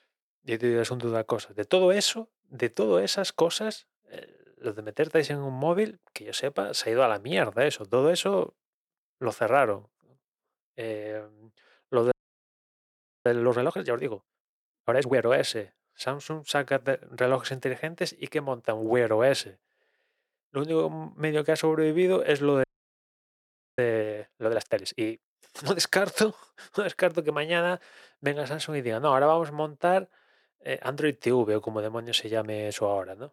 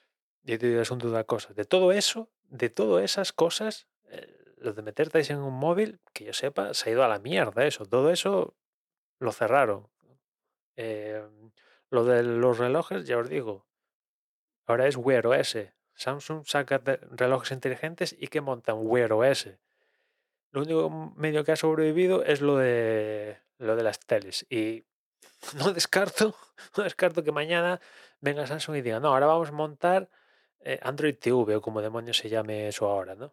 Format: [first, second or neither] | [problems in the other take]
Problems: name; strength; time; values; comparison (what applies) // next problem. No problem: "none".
second | audio freezing; at 12 s for 1 s and at 23 s for 1 s